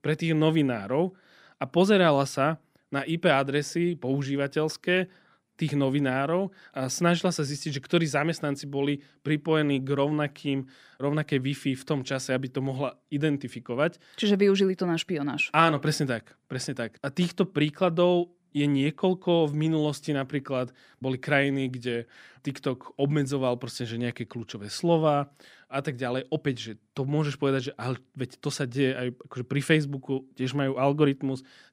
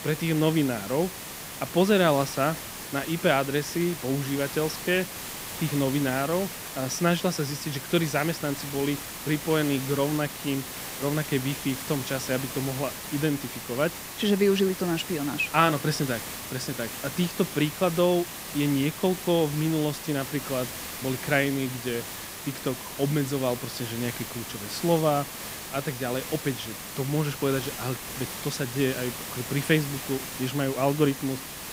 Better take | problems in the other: first | hiss; loud; throughout; 8 dB below the speech

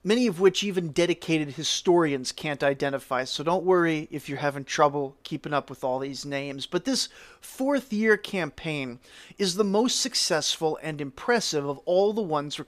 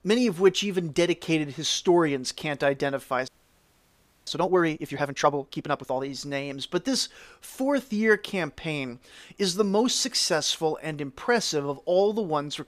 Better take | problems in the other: first | audio freezing; at 3.5 s for 1 s

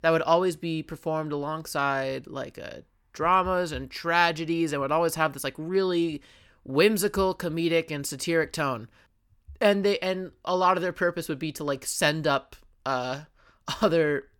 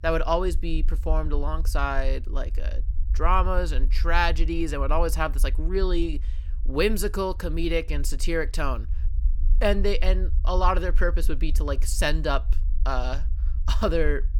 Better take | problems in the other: first | low rumble; faint; throughout; 25 dB below the speech

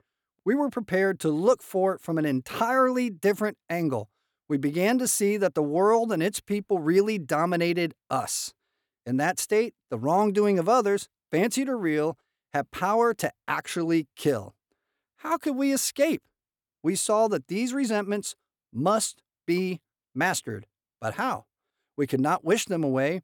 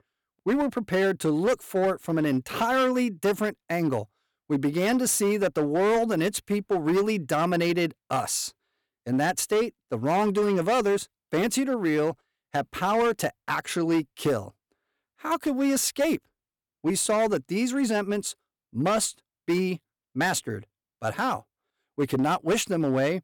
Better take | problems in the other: first | distortion; slight; 9% of the sound clipped

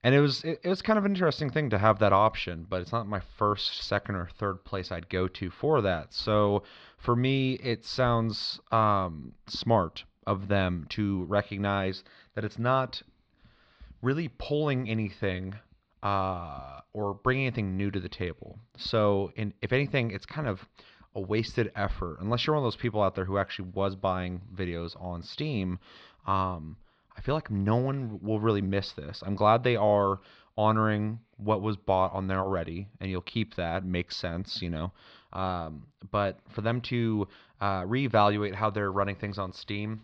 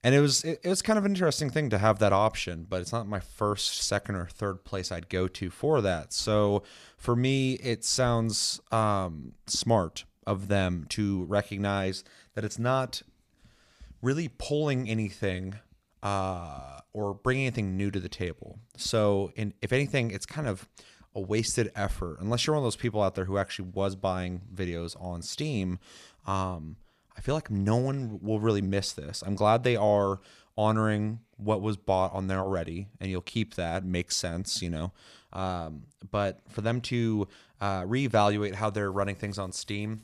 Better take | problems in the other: second | muffled; very slightly; fading above 4.5 kHz

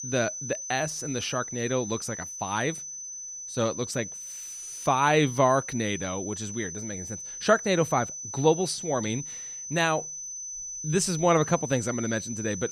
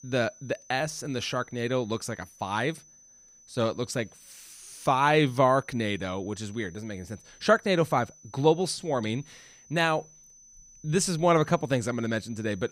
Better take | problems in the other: second | high-pitched whine; loud; throughout; 6 kHz, 8 dB below the speech; faint in the second

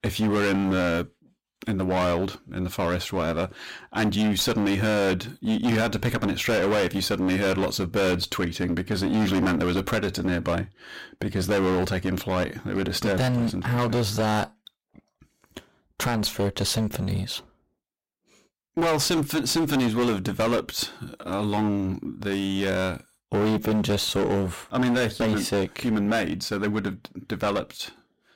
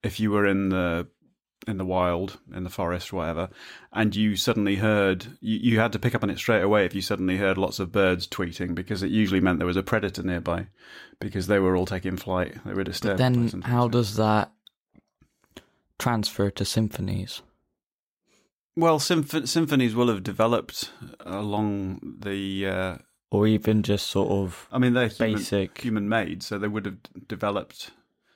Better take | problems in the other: second | distortion; heavy; 18% of the sound clipped

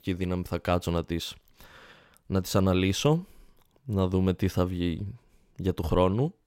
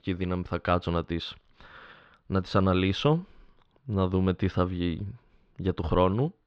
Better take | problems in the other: first | muffled; slightly; fading above 4 kHz

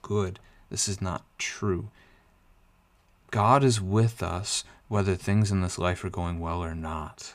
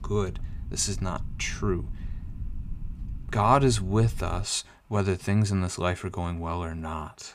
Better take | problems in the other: first | low rumble; faint; until 4.5 s; 25 dB below the speech

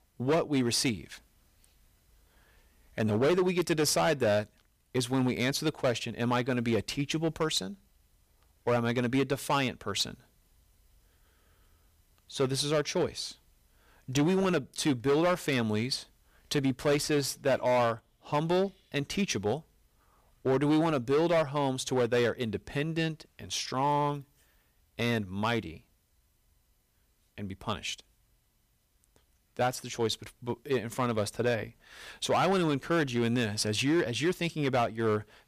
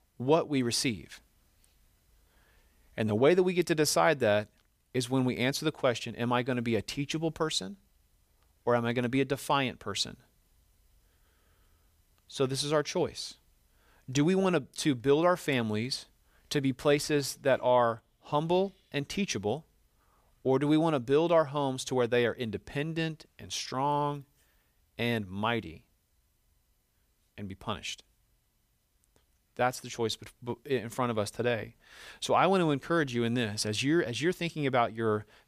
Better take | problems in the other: second | distortion; slight; 6% of the sound clipped

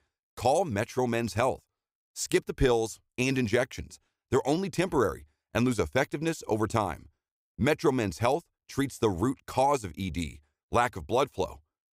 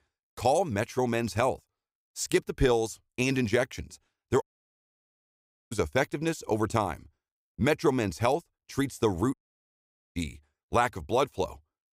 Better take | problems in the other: first | audio cutting out; at 4.5 s for 1.5 s and at 9.5 s for 1 s

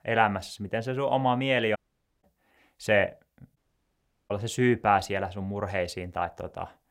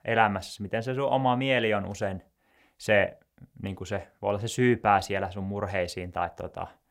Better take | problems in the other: second | audio cutting out; at 2 s and at 3.5 s for 0.5 s

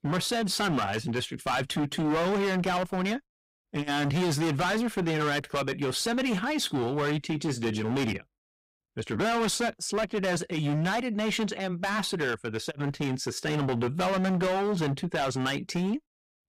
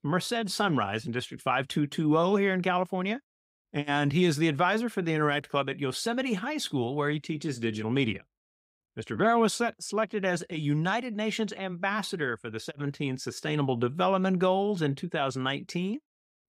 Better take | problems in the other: second | distortion; heavy; 21% of the sound clipped

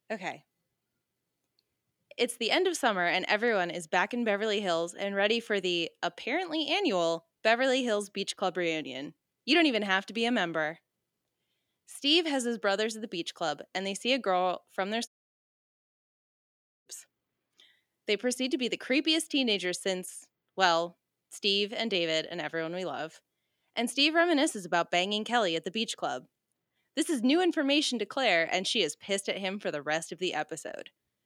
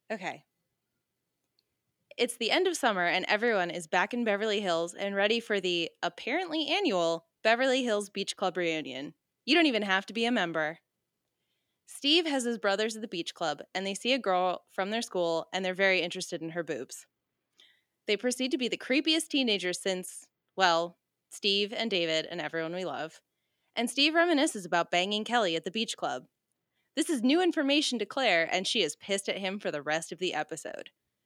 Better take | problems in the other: second | audio cutting out; at 15 s for 2 s

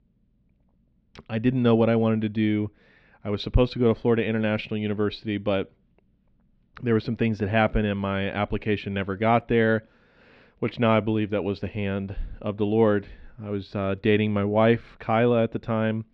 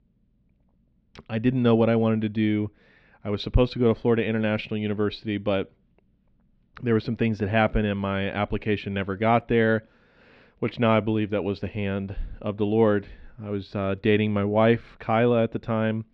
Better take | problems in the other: neither | muffled; slightly; fading above 3.5 kHz; the same in both

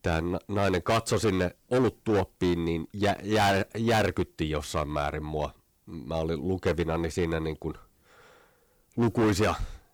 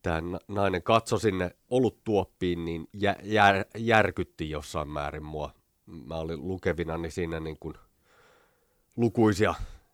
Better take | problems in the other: second | distortion; heavy; 10% of the sound clipped

